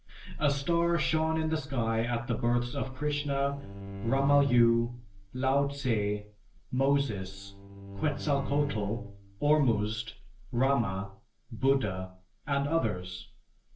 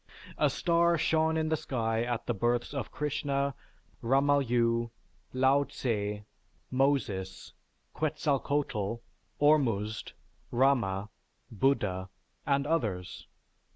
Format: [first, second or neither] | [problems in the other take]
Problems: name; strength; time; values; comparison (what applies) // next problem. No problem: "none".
second | noise reduction (neural separator model SepFormer DNS4)